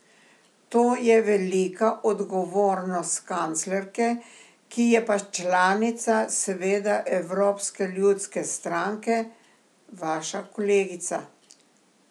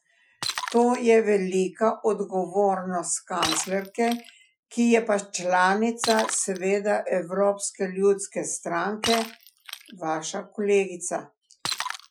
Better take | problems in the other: first | noise reduction (classical method Wiener filter)

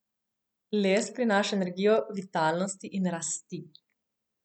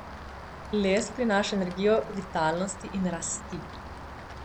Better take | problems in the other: first | background sound (Rain); 12 dB below the speech

